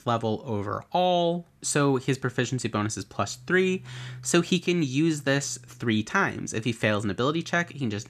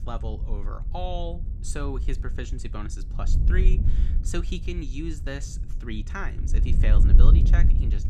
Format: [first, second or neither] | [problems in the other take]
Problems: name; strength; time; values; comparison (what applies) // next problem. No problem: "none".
first | wind noise on the microphone; heavy; 6 dB below the speech